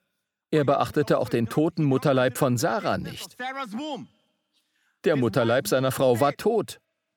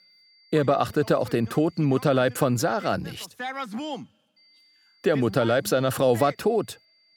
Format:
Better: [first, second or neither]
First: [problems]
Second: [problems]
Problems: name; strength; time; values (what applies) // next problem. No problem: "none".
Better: first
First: none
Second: high-pitched whine; faint; until 3 s and from 4.5 s on; 4.5 kHz, 35 dB below the speech